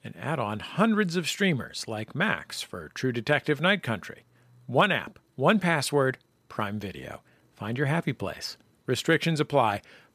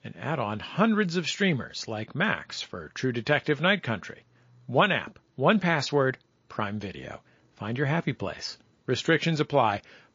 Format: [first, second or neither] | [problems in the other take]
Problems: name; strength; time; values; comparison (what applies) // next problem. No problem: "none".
first | garbled, watery; slightly